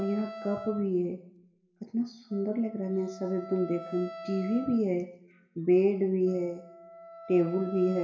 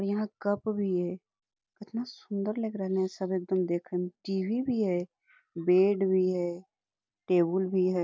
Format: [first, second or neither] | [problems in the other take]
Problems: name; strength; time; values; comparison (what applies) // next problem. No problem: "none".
second | background sound (Wind instrument, woodwind instrument); 16 dB below the speech // room echo; dies away in 0.7 s